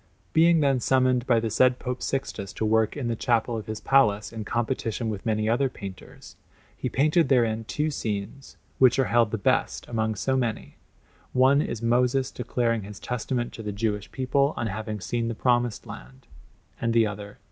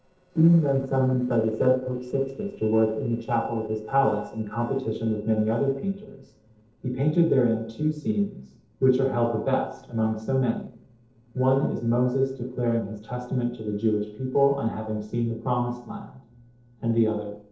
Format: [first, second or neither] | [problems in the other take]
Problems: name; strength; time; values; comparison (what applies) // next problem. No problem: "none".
first | noise reduction (neural separator model SepFormer DNS4)